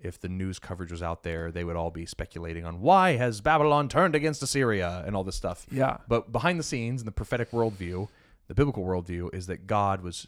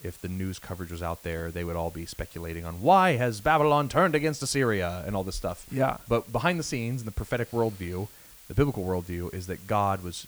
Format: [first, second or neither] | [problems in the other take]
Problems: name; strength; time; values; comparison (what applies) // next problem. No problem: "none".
first | hiss; faint; throughout; 20 dB below the speech